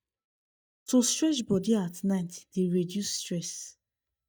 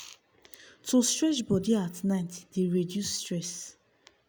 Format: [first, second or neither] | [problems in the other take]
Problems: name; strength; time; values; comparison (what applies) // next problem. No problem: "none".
second | noise reduction (neural mask model DeepFilterNet 3)